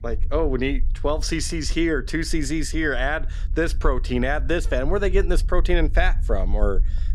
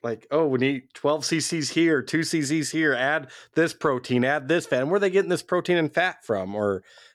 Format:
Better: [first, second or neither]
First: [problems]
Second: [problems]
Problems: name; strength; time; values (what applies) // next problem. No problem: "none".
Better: second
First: low rumble; faint; throughout; 25 dB below the speech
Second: none